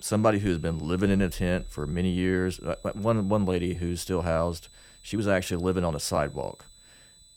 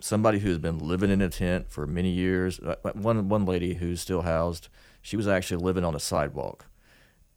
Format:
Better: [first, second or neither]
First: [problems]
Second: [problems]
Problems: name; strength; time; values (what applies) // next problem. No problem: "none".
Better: second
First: high-pitched whine; faint; throughout; 4 kHz, 25 dB below the speech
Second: none